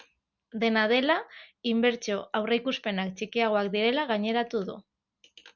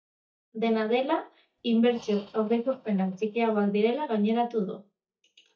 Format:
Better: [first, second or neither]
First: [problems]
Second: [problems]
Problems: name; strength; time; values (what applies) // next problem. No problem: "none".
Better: first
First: none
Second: noise reduction (neural mask model DeepFilterNet 3)